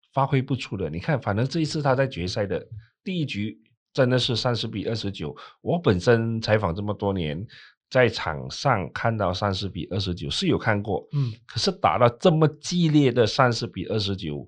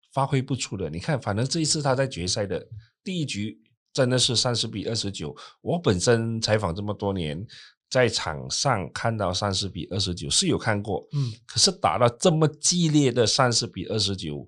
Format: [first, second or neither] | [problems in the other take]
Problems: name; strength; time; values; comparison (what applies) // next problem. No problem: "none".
second | muffled; slightly; fading above 2.5 kHz